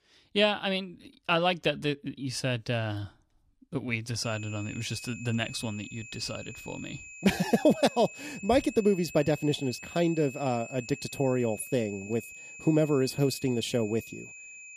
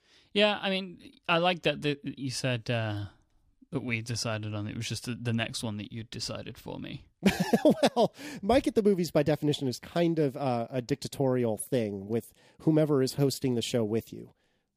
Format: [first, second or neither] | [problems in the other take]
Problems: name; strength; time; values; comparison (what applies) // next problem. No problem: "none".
second | high-pitched whine; noticeable; from 4 s on; 2.5 kHz, 15 dB below the speech